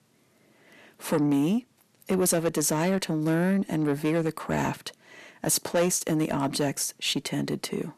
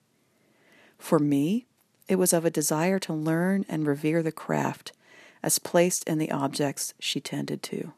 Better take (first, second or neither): second